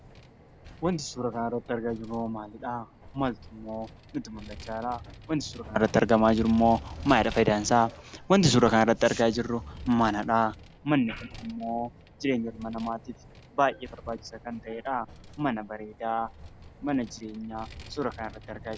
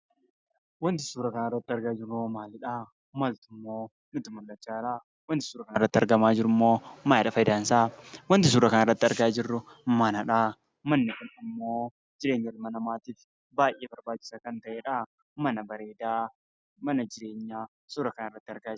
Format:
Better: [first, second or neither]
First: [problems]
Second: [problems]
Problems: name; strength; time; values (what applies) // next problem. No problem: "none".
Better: second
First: background sound (Vehicle); 17 dB below the speech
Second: none